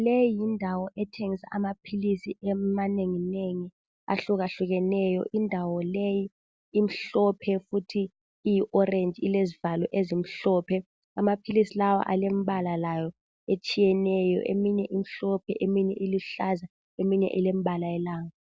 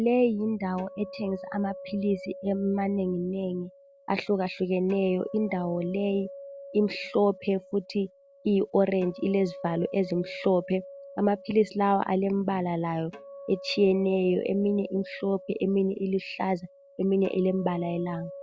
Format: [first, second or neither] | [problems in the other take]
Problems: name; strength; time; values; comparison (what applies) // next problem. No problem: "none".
first | background sound (Acoustic guitar); 17 dB below the speech